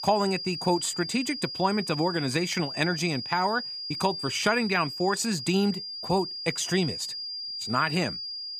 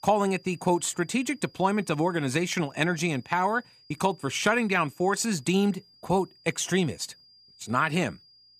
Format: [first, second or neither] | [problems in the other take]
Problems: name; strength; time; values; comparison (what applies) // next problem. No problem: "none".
second | high-pitched whine; loud; throughout; 5 kHz, 6 dB below the speech; faint in the second